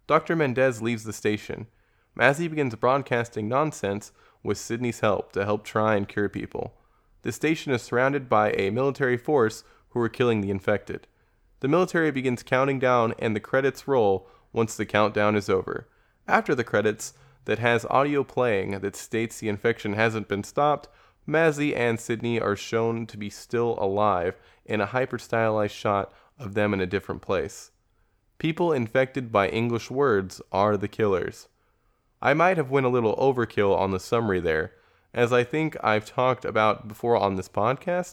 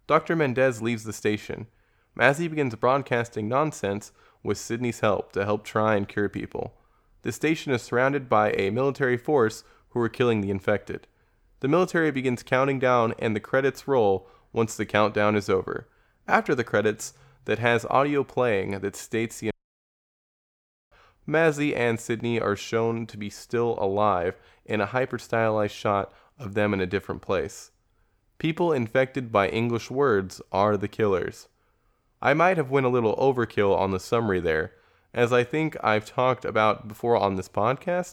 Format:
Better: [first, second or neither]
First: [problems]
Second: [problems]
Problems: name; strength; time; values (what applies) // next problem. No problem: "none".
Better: first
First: none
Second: audio cutting out; at 20 s for 1.5 s